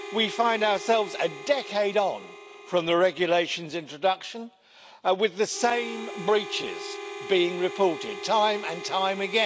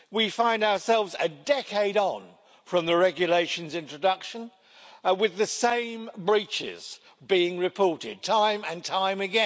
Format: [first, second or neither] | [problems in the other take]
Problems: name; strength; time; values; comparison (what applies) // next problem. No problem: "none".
second | background sound (Harmonica); 13 dB below the speech